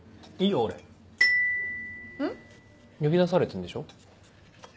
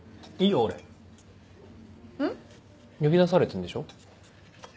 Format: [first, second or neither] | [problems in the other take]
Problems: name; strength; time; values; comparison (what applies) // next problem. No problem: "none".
second | background sound (Glockenspiel); 1 dB below the speech